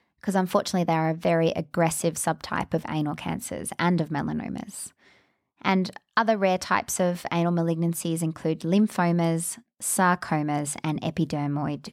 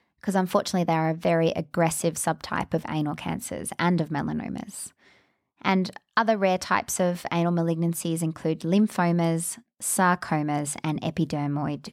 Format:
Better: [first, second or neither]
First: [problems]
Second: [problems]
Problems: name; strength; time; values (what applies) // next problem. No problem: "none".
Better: neither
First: none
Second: none